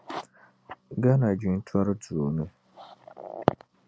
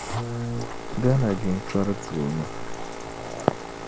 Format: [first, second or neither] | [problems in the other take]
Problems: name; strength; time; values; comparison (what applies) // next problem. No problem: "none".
first | background sound (Boat, Water vehicle + Rain); 4 dB below the speech